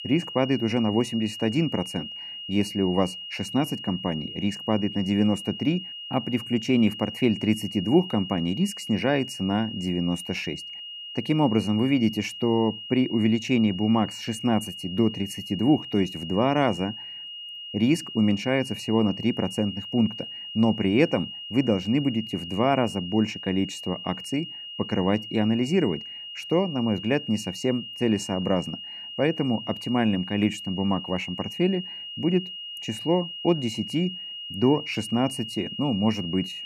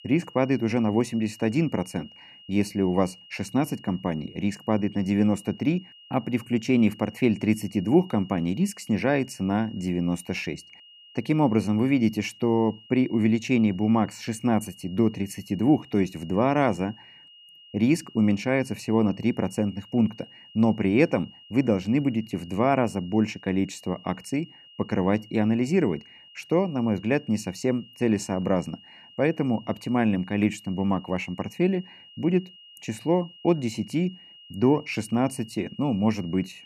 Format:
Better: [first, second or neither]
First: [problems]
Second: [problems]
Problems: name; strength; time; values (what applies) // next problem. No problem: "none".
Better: second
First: high-pitched whine; loud; throughout; 3 kHz, 10 dB below the speech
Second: high-pitched whine; faint; throughout; 3 kHz, 20 dB below the speech